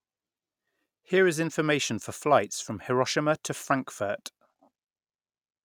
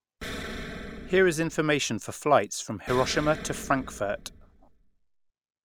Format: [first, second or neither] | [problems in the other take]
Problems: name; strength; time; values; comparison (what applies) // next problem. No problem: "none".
first | background sound (Explosion); 12 dB below the speech